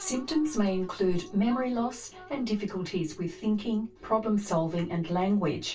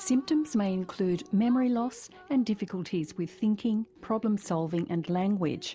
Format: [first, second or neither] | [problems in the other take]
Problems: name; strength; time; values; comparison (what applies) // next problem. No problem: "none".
second | room echo; dies away in 0.2 s